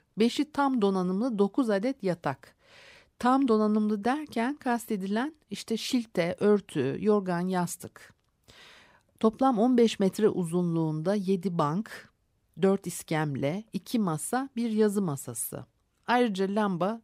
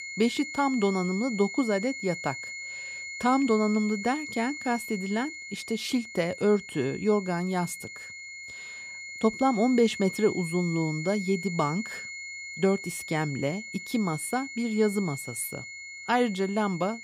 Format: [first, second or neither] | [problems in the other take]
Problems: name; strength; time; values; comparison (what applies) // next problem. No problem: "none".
first | high-pitched whine; loud; throughout; 2 kHz, 9 dB below the speech